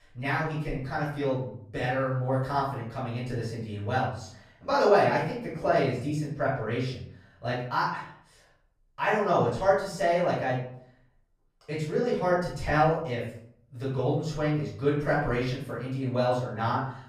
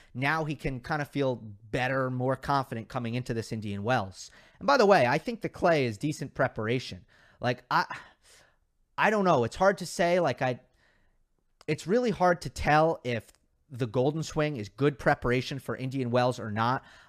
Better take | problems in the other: second | off-mic speech; far // room echo; noticeable; dies away in 0.5 s

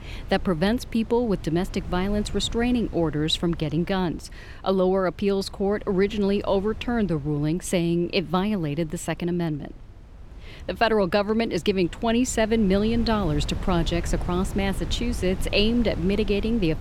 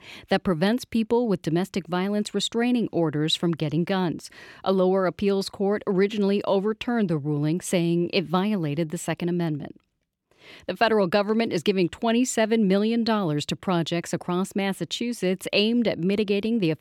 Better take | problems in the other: second | wind noise on the microphone; occasional gusts; 20 dB below the speech

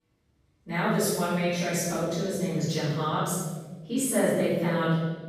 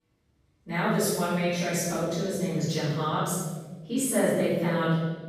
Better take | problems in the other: neither | off-mic speech; far; the same in both // room echo; strong; dies away in 1.5 s; the same in both

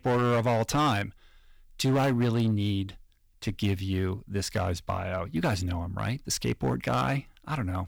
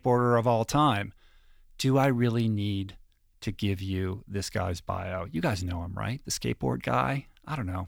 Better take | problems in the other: second | distortion; slight; 7% of the sound clipped

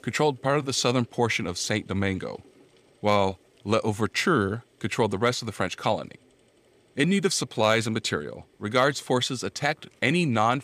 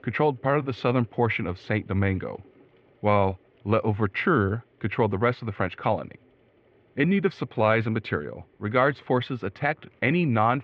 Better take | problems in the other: first | muffled; very; fading above 2.5 kHz

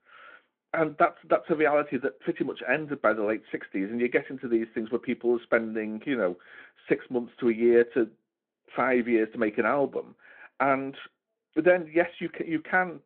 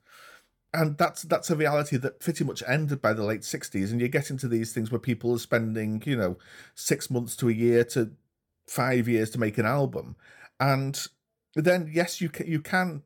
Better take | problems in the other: second | phone-call audio; nothing above 3.5 kHz

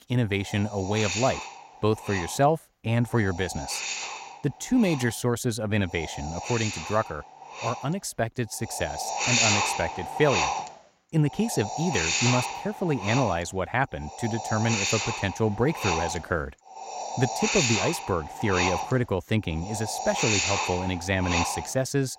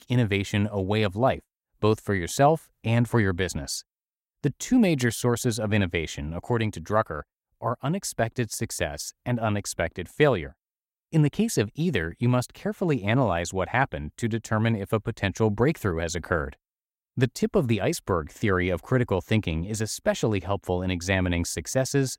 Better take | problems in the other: second | wind noise on the microphone; heavy; 1 dB above the speech

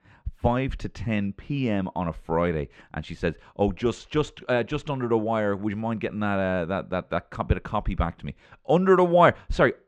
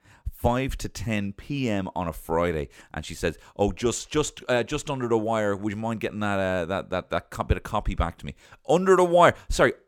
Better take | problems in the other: second | muffled; slightly; fading above 3 kHz

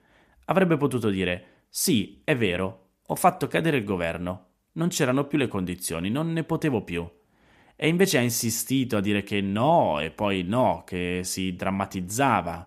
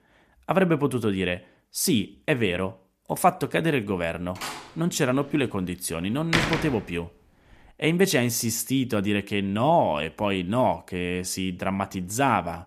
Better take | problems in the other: first | door banging; loud; from 4.5 to 6.5 s; peak 1 dB above the speech

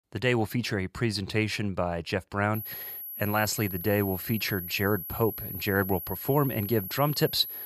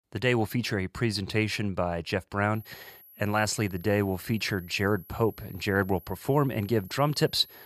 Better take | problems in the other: second | high-pitched whine; loud; from 2.5 s on; 11.5 kHz, 7 dB below the speech; faint in the second

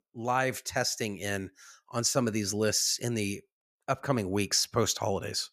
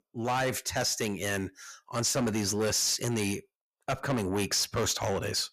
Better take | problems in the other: first | distortion; heavy; 7 dB below the speech

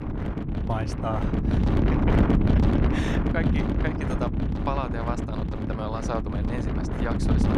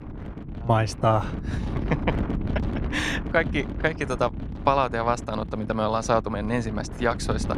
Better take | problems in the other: second | wind noise on the microphone; heavy; 1 dB above the speech; occasional gusts in the second

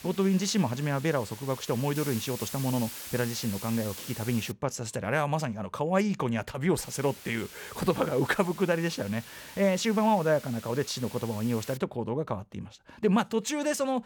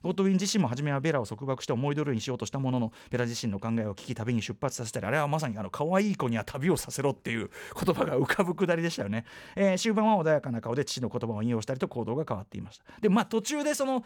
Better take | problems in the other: second | hiss; noticeable; until 4.5 s and from 7 to 12 s; 15 dB below the speech

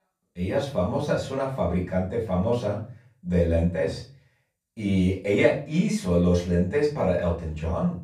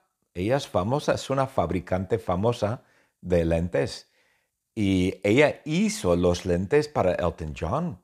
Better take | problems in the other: second | room echo; slight; dies away in 0.4 s // off-mic speech; far

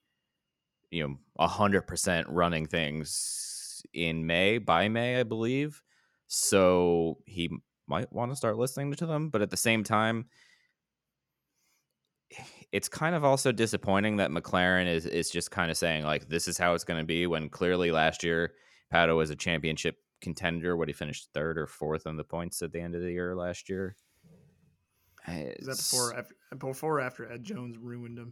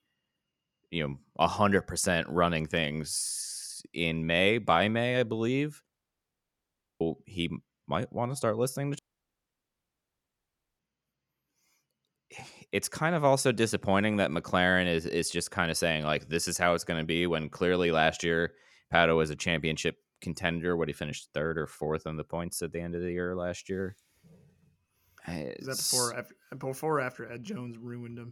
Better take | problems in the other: first | audio cutting out; at 6 s for 1 s and at 9 s for 2 s

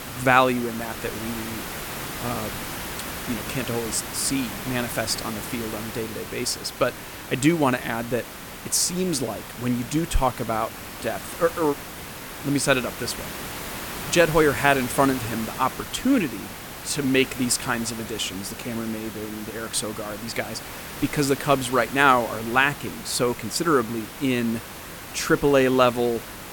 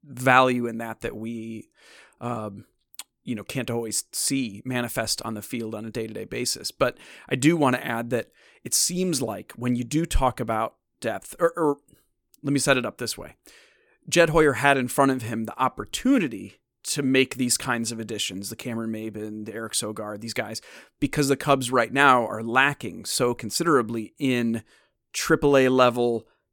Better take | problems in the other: second | hiss; loud; throughout; 10 dB below the speech

